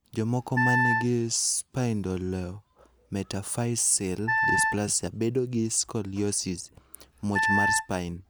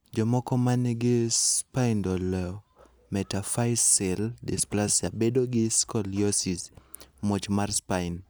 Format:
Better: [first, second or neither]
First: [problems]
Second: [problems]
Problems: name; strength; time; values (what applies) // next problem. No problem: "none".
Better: second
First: background sound (Wind instrument, woodwind instrument); 2 dB above the speech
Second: none